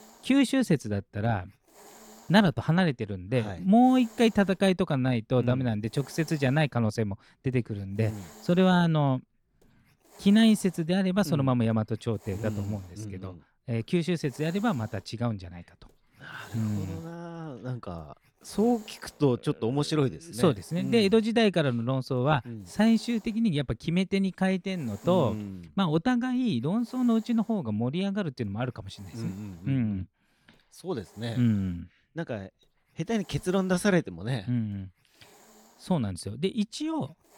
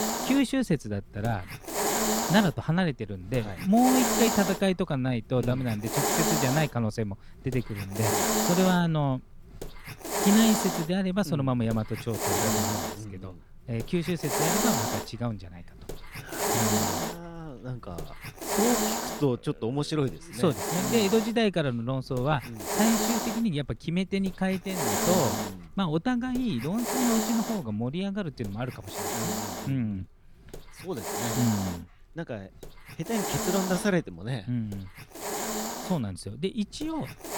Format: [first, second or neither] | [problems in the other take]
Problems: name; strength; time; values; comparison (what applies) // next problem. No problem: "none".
first | hiss; loud; throughout; 1 dB below the speech; faint in the first